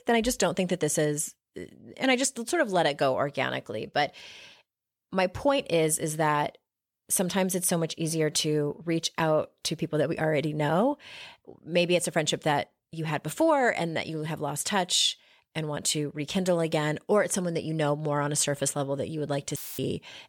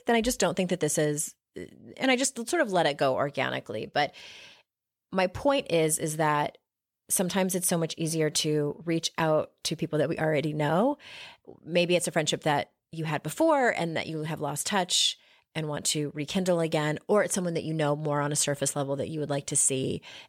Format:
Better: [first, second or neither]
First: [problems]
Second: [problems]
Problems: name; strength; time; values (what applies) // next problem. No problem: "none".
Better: second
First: audio cutting out; filled with static; at 20 s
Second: none